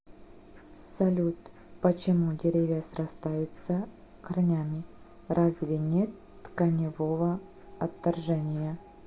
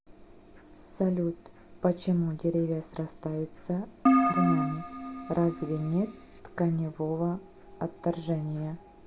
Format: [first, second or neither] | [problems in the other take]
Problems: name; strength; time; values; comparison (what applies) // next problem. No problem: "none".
first | background sound (Keyboard (musical)); 3 dB above the speech